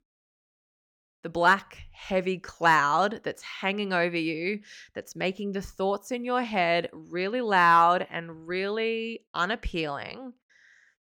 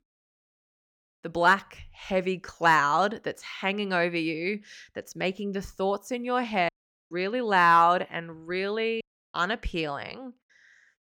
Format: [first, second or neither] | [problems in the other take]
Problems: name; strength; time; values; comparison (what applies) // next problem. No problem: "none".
first | audio cutting out; at 6.5 s and at 9 s